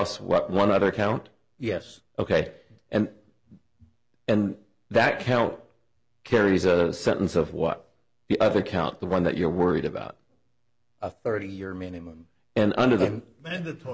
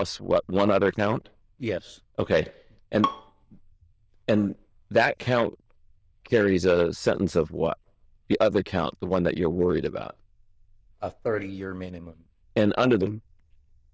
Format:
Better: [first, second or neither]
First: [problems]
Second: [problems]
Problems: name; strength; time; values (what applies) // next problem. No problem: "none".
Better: first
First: none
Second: noise reduction (neural diffusion model UNIVERSE++)